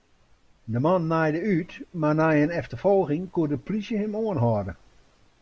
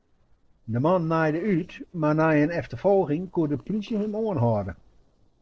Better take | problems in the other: first | noise reduction (neural separator model SepFormer DNS4)

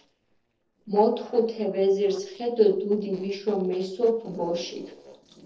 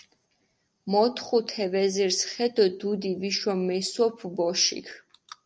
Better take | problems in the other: second | noise reduction (neural separator model SepFormer DNS4)

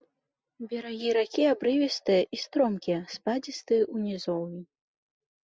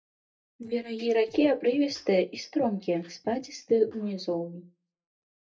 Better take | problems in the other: first | noise reduction (neural mask model DeepFilterNet 3)

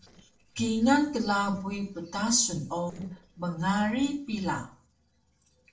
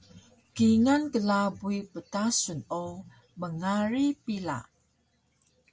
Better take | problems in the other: second | noise reduction (neural separator model SepFormer DNS4)

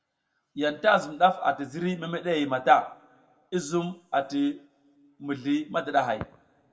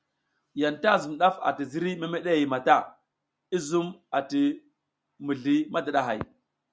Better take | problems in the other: second | room echo; dies away in 0.6 s

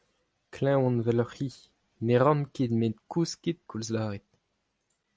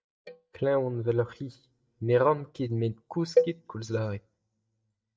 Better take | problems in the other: first | noise reduction (neural mask model DeepFilterNet 3)

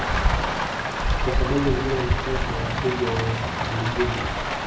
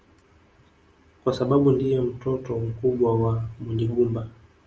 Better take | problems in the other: second | background sound (Rain); 4 dB above the speech // room echo; dies away in 1.4 s

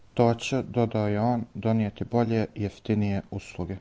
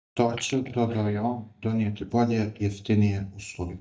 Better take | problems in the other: first | noise reduction (neural mask model DeepFilterNet 3)

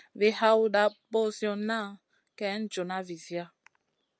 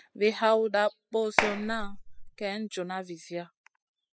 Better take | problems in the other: first | noise reduction (classical method spectral subtraction)

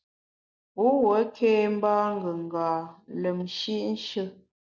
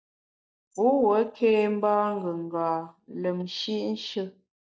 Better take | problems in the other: first | noise reduction (neural mask model DeepFilterNet 3)

